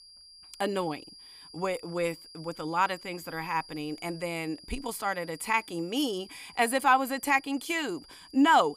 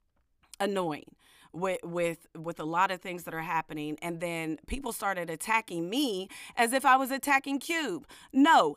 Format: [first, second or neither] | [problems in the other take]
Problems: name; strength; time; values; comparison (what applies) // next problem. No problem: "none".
second | high-pitched whine; noticeable; throughout; 5 kHz, 20 dB below the speech